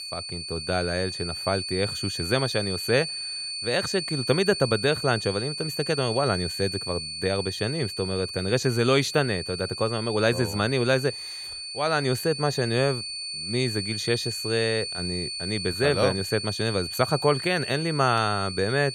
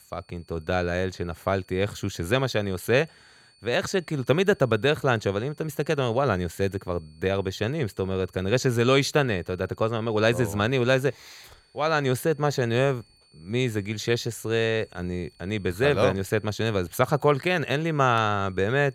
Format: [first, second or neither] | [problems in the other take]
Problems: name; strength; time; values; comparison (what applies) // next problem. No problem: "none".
second | high-pitched whine; loud; throughout; 4.5 kHz, 5 dB below the speech; faint in the second